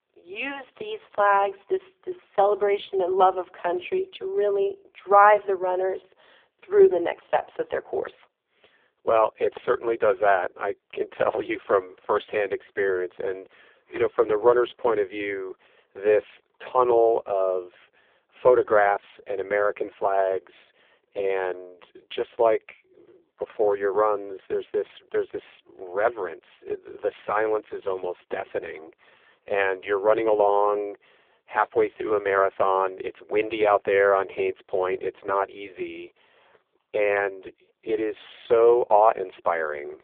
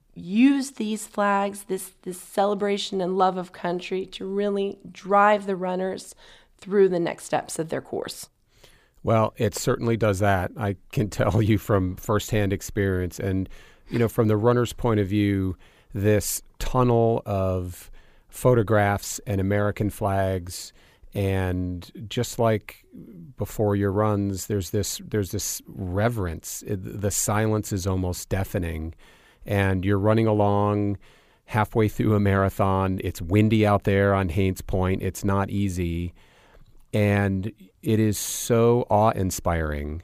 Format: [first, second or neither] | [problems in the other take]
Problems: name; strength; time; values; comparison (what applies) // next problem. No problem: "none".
second | phone-call audio; poor line; nothing above 3.5 kHz